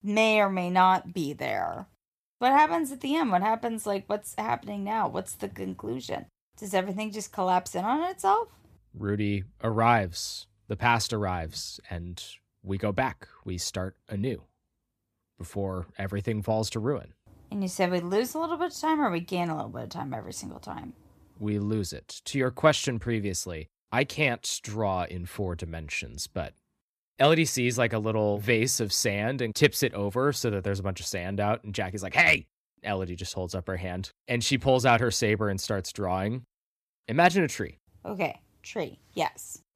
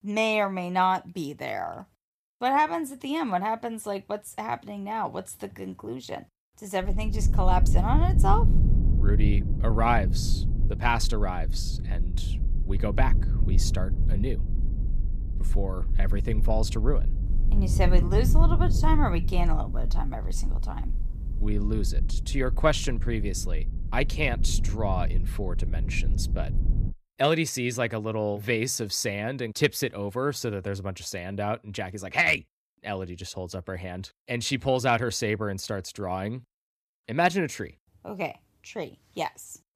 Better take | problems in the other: first | low rumble; noticeable; from 7 to 27 s; 15 dB below the speech

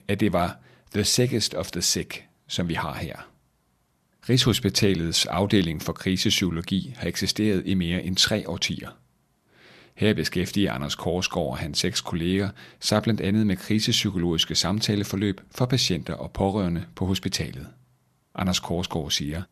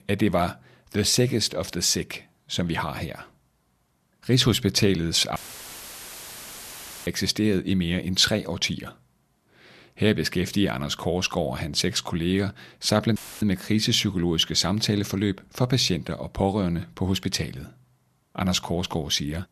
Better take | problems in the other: first | audio cutting out; filled with static; at 5.5 s for 1.5 s and at 13 s

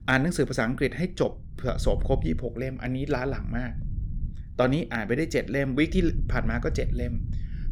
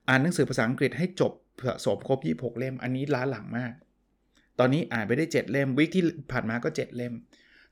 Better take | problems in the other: second | low rumble; faint; throughout; 20 dB below the speech

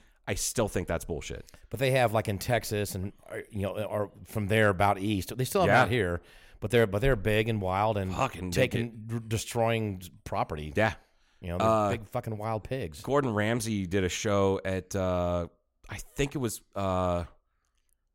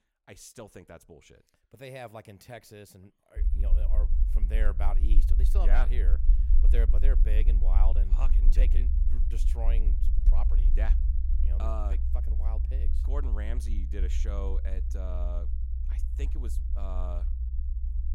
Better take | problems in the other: first | low rumble; loud; from 3.5 s on; 7 dB below the speech

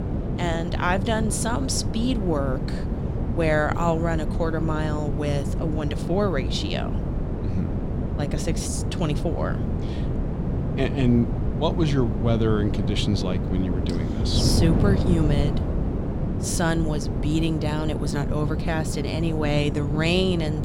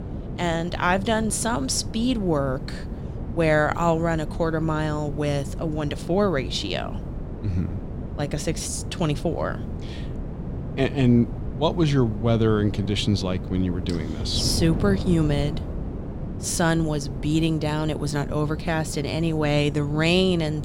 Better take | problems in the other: second | wind noise on the microphone; heavy; 7 dB below the speech; occasional gusts in the second

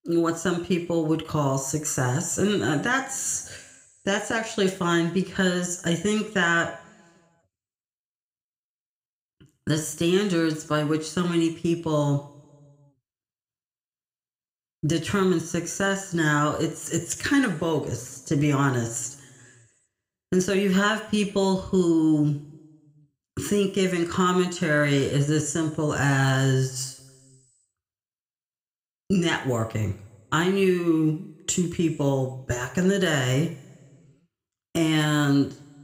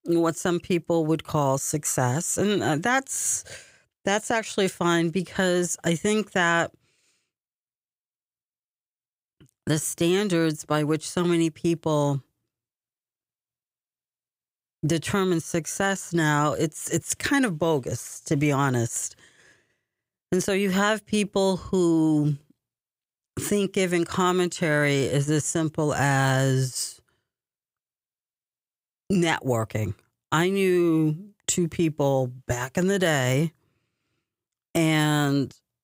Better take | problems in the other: second | room echo; slight; dies away in 1 s

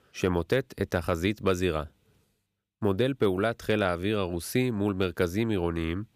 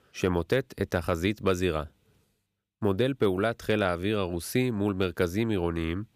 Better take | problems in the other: neither | none

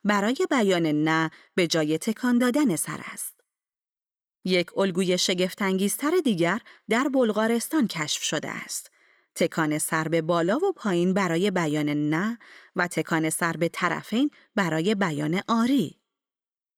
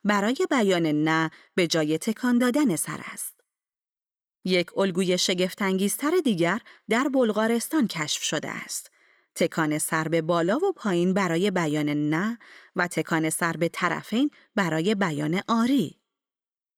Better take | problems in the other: neither | none

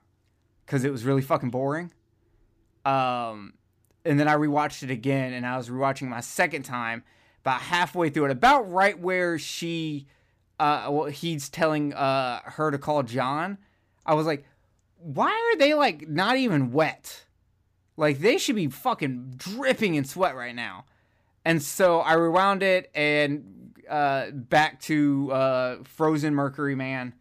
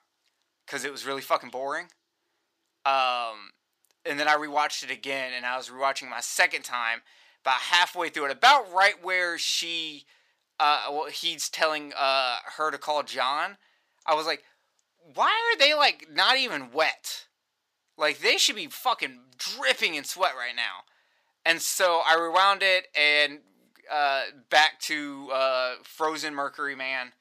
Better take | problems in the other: first | thin; very; fading below 750 Hz

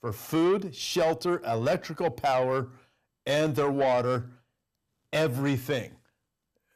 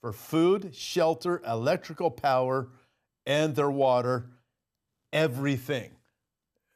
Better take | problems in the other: second | distortion; slight; 10 dB below the speech

